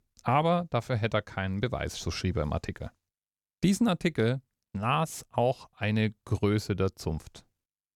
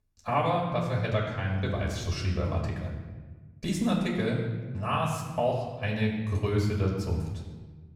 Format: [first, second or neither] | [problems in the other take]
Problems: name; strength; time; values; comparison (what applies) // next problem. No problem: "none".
first | off-mic speech; far // room echo; noticeable; dies away in 1.2 s